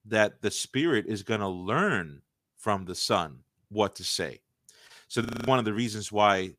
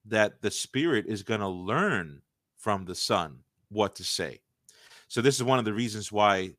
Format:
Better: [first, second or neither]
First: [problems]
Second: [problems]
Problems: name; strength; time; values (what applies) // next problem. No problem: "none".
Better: second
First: audio freezing; at 5.5 s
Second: none